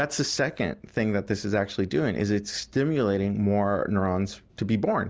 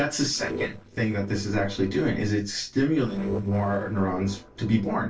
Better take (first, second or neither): first